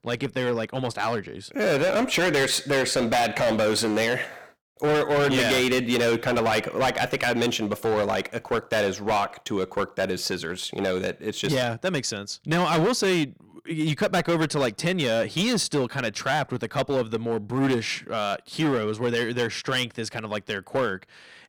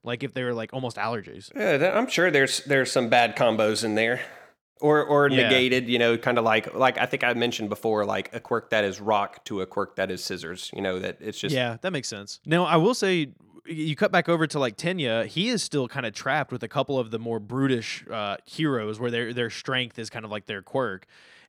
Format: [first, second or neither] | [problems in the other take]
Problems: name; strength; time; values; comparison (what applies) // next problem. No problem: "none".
second | distortion; heavy; 13% of the sound clipped